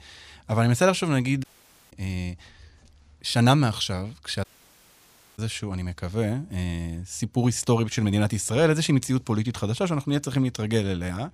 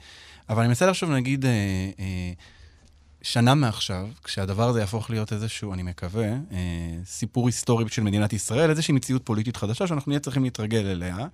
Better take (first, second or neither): second